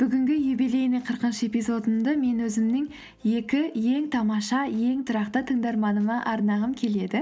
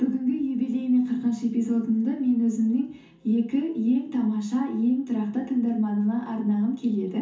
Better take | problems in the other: first | room echo; dies away in 0.6 s

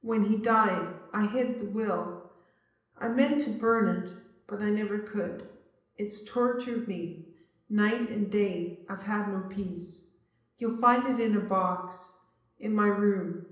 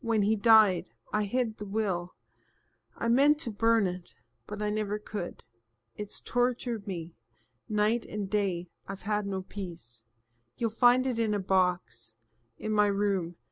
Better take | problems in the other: second | room echo; dies away in 0.8 s

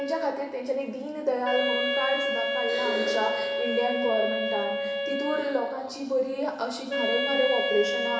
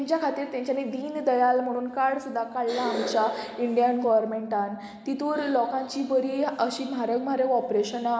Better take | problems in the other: second | background sound (Wind instrument, woodwind instrument); 1 dB below the speech // room echo; dies away in 1 s

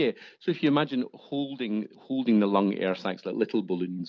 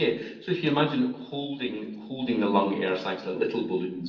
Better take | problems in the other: first | room echo; dies away in 0.7 s

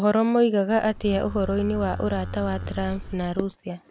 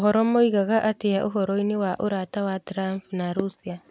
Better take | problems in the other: second | background sound (Livestock, farm animals, working animals); 10 dB below the speech

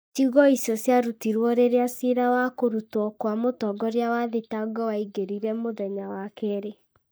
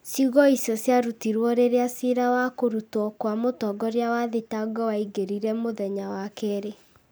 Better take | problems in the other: second | noise reduction (neural mask model DeepFilterNet 3)

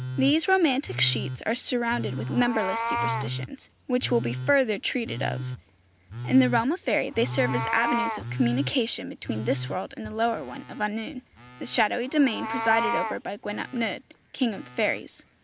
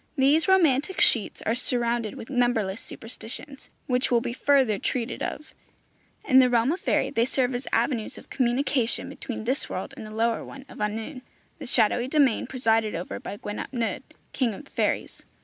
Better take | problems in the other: second | background sound (Meow + Telephone); 7 dB below the speech

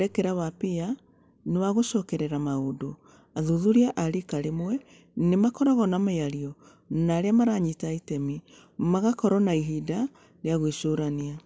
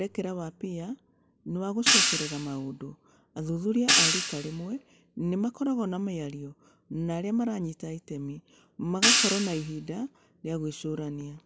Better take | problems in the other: first | background sound (Hi-hat); 4 dB above the speech

